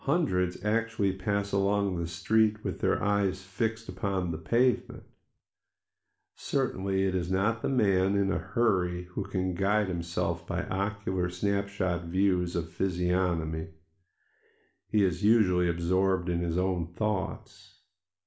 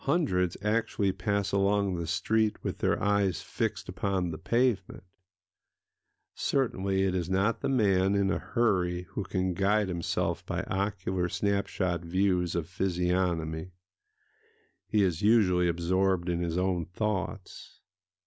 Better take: second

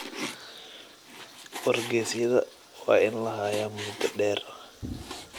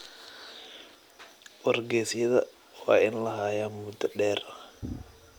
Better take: second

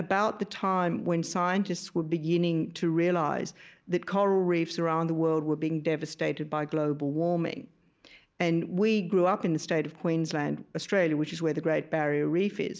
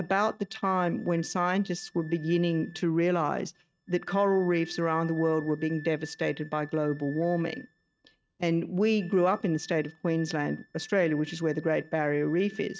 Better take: first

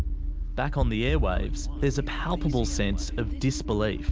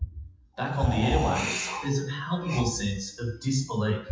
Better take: first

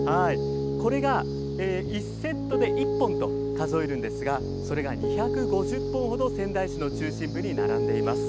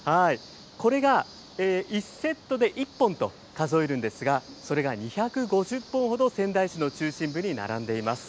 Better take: second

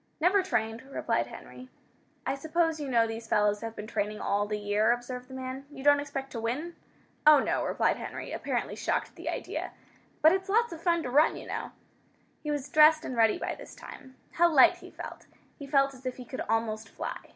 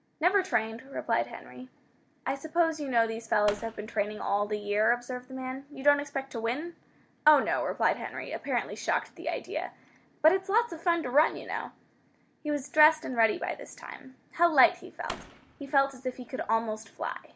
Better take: first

